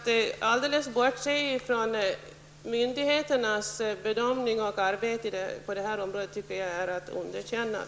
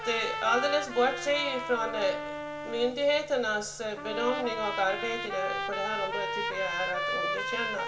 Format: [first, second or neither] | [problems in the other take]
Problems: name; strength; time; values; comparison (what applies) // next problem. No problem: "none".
first | background sound (Trumpet); 4 dB below the speech // room echo; dies away in 0.2 s